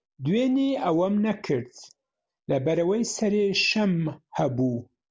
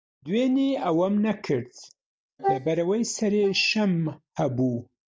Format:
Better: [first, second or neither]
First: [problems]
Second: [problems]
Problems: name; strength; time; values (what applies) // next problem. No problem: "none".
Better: first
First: none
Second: noise reduction (neural mask model DeepFilterNet 3)